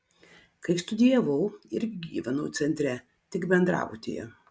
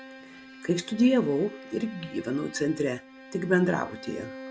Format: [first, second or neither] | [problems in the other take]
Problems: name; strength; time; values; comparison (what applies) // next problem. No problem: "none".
first | background sound (Bowed string instrument); 16 dB below the speech